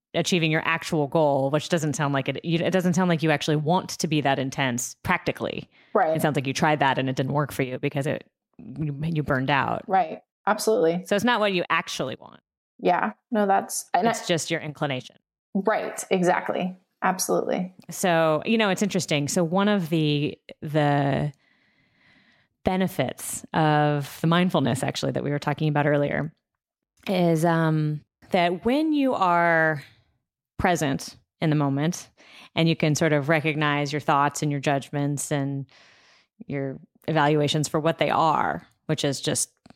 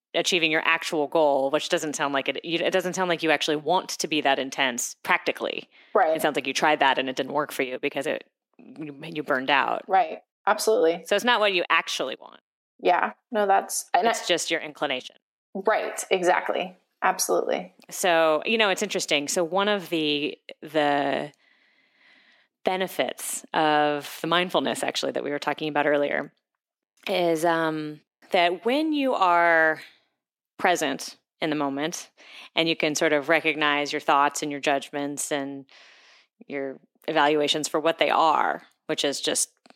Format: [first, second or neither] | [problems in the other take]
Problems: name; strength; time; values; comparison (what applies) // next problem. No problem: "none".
first | thin; somewhat; fading below 300 Hz